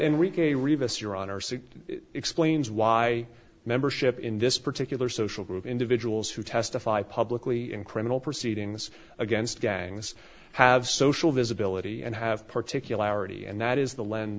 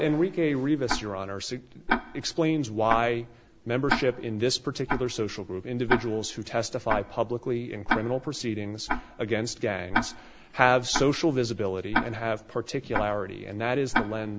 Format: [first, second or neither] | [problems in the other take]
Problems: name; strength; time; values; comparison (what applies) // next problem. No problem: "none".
first | background sound (Tick-tock); 6 dB below the speech